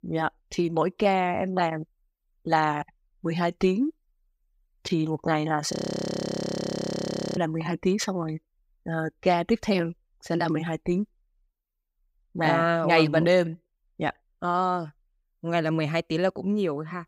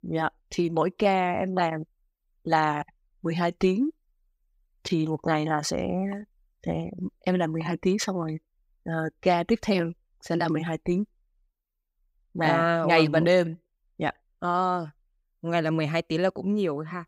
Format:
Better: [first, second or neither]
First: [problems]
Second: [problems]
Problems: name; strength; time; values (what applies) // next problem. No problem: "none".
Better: second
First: audio freezing; at 5.5 s for 1.5 s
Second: none